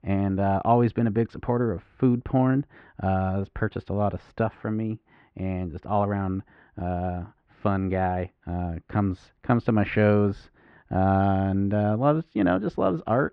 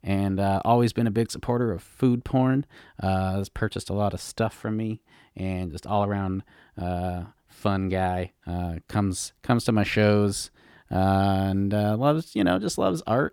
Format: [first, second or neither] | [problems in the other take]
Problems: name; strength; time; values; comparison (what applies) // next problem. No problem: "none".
second | muffled; very; fading above 2 kHz